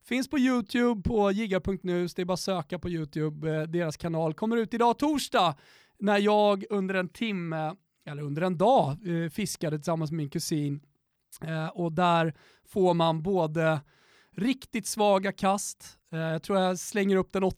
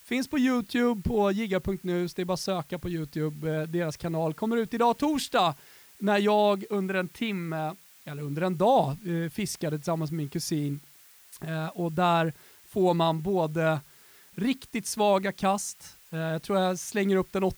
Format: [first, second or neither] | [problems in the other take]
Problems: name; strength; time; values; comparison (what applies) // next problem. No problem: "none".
first | hiss; faint; throughout; 25 dB below the speech